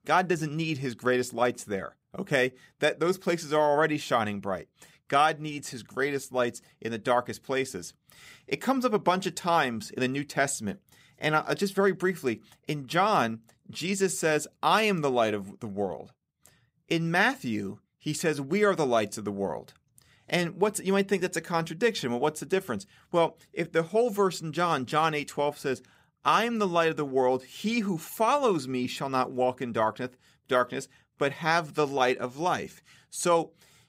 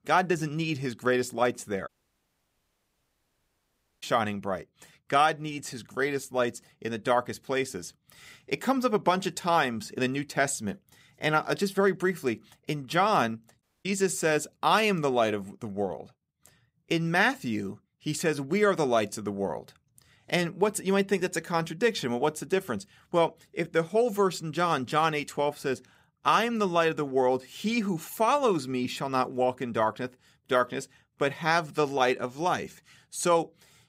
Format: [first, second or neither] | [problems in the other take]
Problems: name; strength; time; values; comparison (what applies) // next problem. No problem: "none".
first | audio cutting out; at 2 s for 2 s and at 14 s